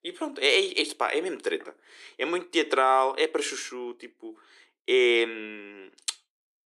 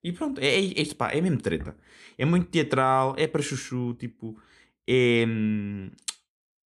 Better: second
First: thin; very; fading below 350 Hz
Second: none

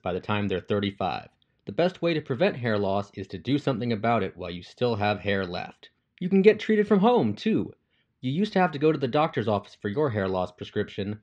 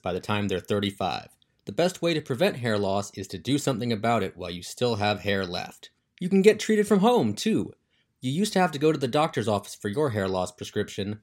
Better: second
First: muffled; slightly; fading above 3.5 kHz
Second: none

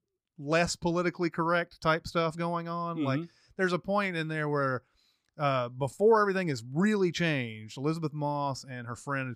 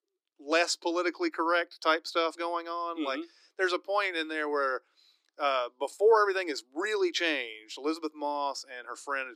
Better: first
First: none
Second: thin; very; fading below 300 Hz

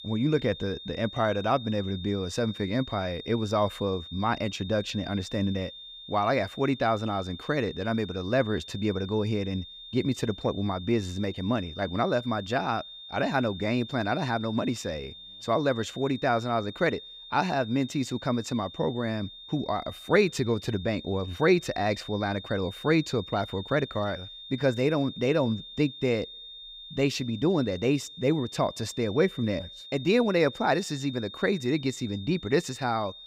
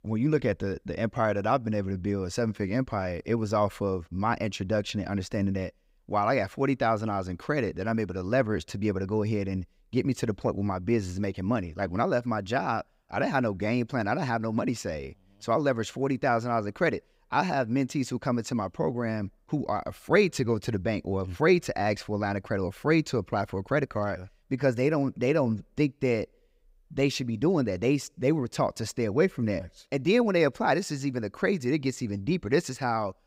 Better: second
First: high-pitched whine; noticeable; throughout; 3.5 kHz, 15 dB below the speech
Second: none

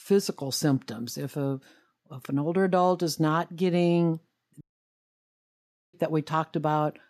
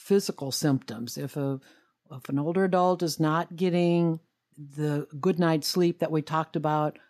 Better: second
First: audio cutting out; at 4.5 s for 1.5 s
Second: none

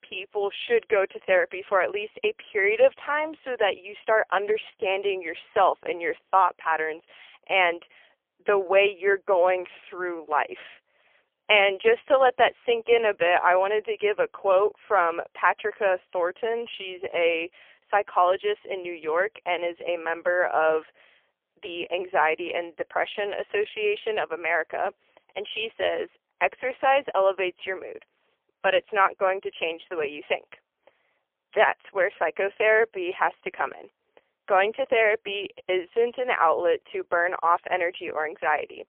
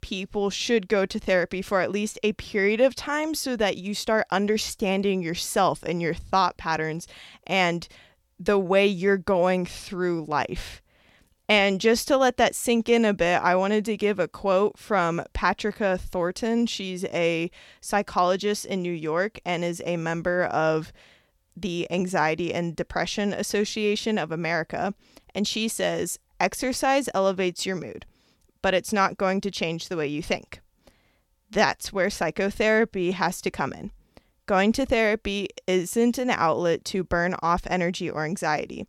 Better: second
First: phone-call audio; poor line; nothing above 3 kHz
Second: none

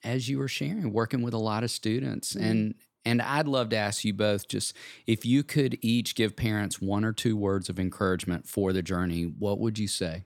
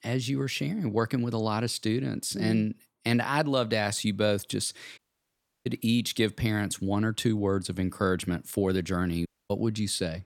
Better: first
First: none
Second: audio cutting out; at 5 s for 0.5 s and at 9.5 s

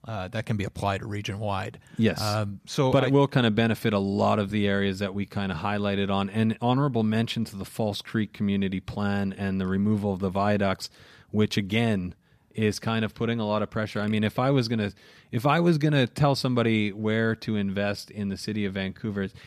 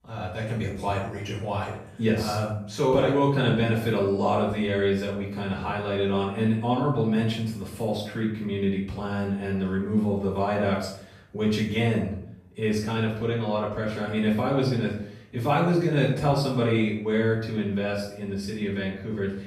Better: first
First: none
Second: off-mic speech; far // room echo; noticeable; dies away in 0.6 s

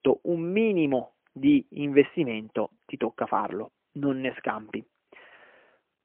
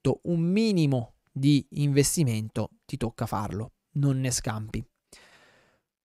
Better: second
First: phone-call audio; poor line; nothing above 3 kHz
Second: none

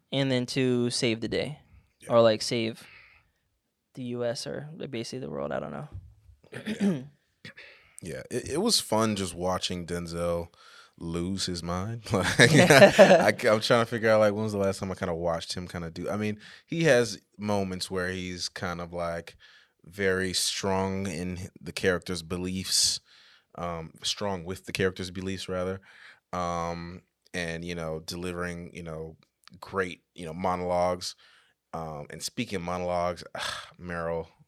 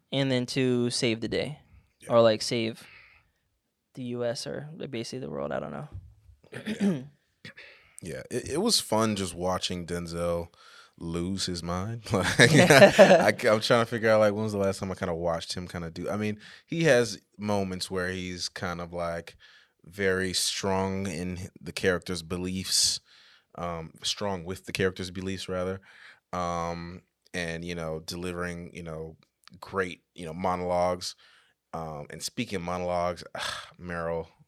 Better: neither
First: none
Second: none

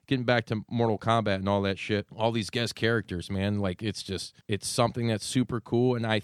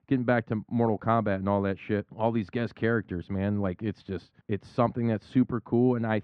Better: first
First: none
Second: muffled; very; fading above 1.5 kHz

